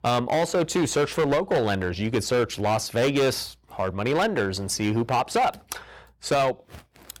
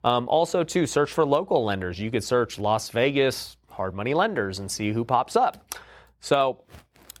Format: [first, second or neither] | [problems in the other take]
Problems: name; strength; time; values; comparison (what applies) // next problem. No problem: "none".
second | distortion; heavy; 12% of the sound clipped